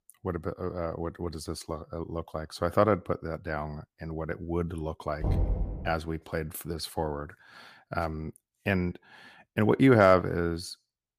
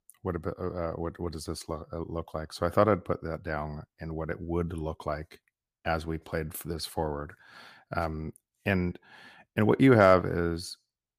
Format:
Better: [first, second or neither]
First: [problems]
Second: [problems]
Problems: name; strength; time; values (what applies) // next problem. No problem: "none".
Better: second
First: door banging; loud; at 5 s; peak level with the speech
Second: none